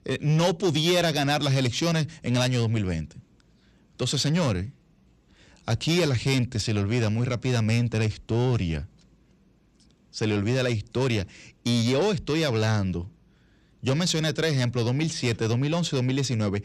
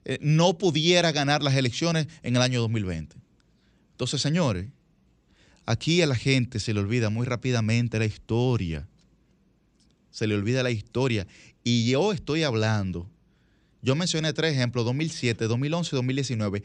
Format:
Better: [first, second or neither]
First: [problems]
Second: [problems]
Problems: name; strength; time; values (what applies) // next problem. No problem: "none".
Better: second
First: distortion; slight; 10 dB below the speech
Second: none